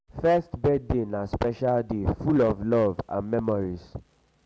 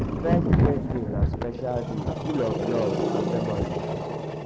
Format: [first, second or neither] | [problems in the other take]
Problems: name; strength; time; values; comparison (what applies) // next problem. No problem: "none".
first | background sound (Growling + Thunder); 5 dB above the speech